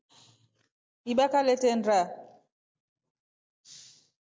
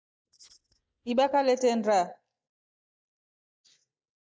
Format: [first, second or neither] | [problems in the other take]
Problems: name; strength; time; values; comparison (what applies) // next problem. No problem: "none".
first | noise reduction (neural mask model DeepFilterNet 3)